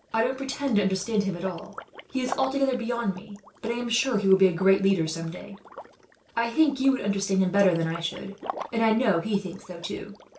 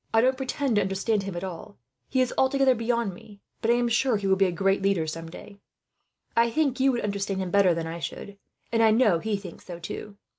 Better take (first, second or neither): second